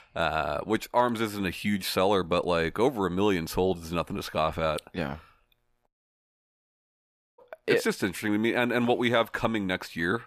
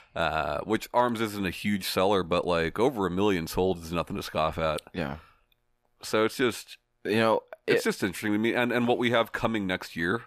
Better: second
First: audio cutting out; at 6 s for 1.5 s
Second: none

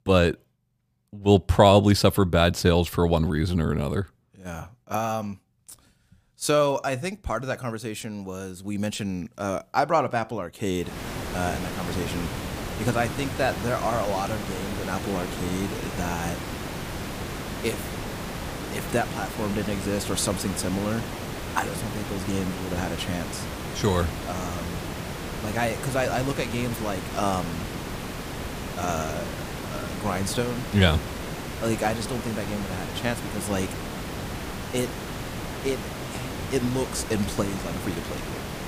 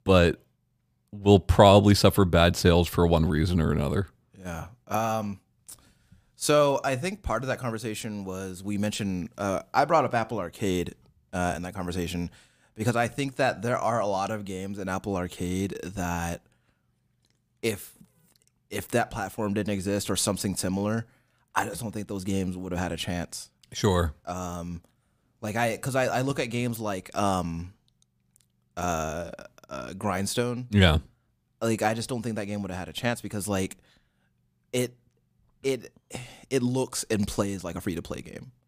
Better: second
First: hiss; loud; from 11 s on; 6 dB below the speech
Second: none

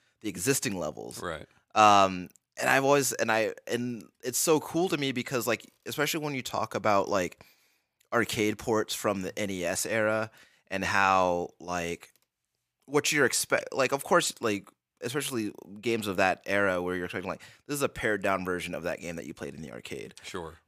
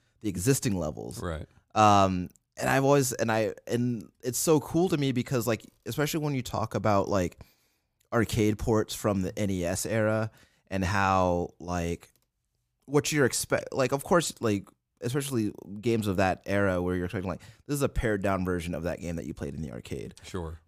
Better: second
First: thin; very slightly; fading below 400 Hz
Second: none

